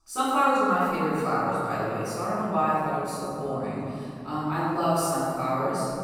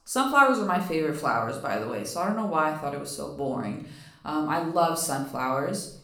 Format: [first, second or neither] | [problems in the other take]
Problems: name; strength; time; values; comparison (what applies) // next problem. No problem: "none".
second | room echo; strong; dies away in 3 s; slight in the second // off-mic speech; far; somewhat distant in the second